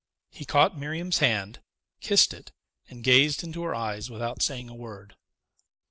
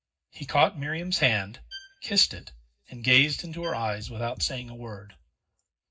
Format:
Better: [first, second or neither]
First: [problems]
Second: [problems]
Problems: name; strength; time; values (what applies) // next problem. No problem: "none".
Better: first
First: none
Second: background sound (Bowed string instrument); 19 dB below the speech // room echo; dies away in 0.4 s